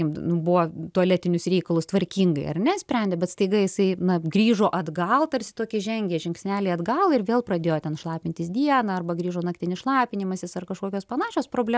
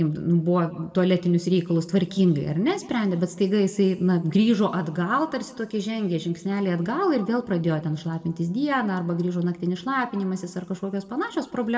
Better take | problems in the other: first | room echo; dies away in 1 s

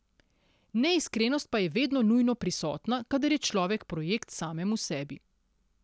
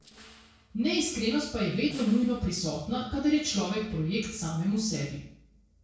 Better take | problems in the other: first | noise reduction (neural separator model SepFormer DNS4)

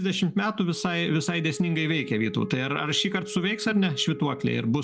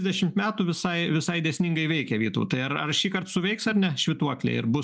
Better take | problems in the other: second | background sound (Wind instrument, woodwind instrument); 15 dB below the speech

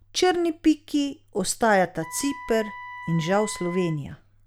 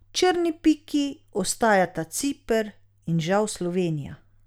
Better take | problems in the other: second | background sound (Wind instrument, woodwind instrument); 15 dB below the speech

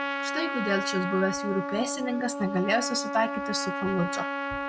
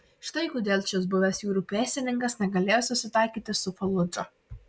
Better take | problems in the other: second | background sound (Trumpet); 3 dB below the speech

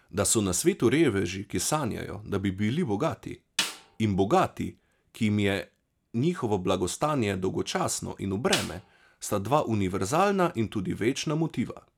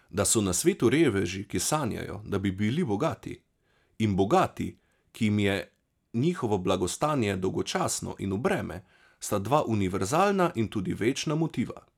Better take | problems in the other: second | background sound (Snare drum); 10 dB below the speech

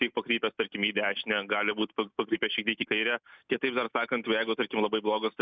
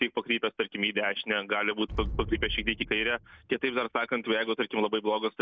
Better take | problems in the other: first | background sound (Explosion); 13 dB below the speech

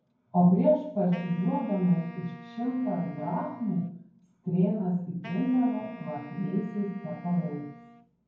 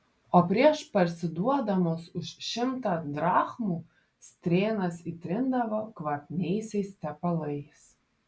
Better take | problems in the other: second | background sound (Wind instrument, woodwind instrument); 19 dB below the speech // room echo; dies away in 0.9 s

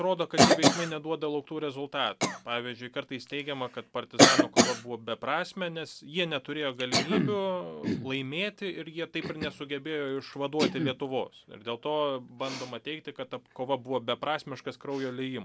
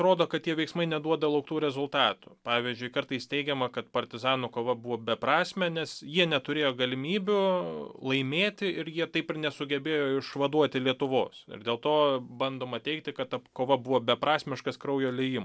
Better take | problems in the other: second | background sound (Cough); 2 dB above the speech

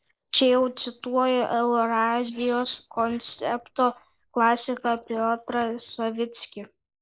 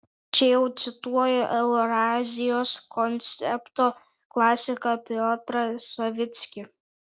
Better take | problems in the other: second | noise reduction (neural mask model Resemble Enhance denoiser)

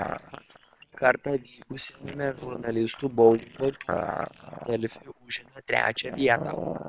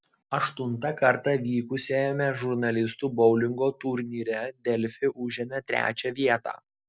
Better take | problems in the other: second | noise reduction (neural separator model SepFormer WHAM!)

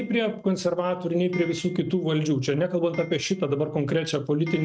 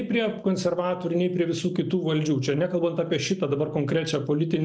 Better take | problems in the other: second | noise reduction (neural mask model RNNoise)

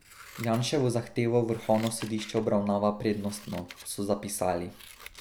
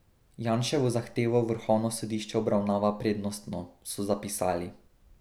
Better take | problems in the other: second | background sound (Scissors); 20 dB below the speech

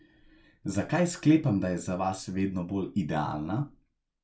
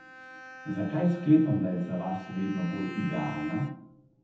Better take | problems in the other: first | background sound (Bowed string instrument); 17 dB below the speech // room echo; dies away in 0.8 s

